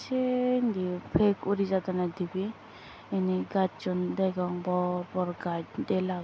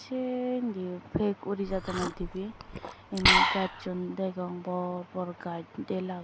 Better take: first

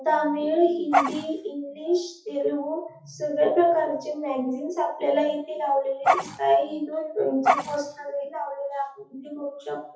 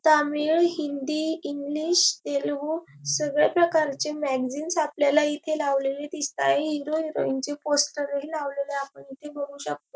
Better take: second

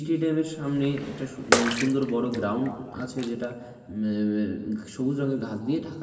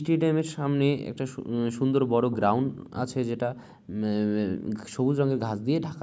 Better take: second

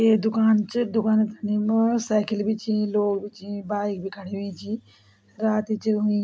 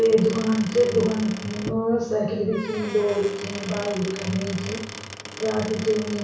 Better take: first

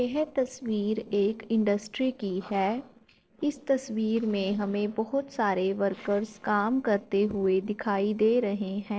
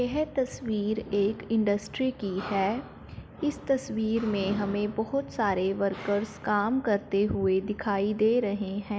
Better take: second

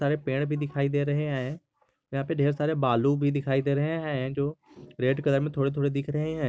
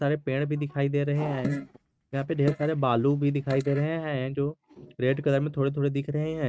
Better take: first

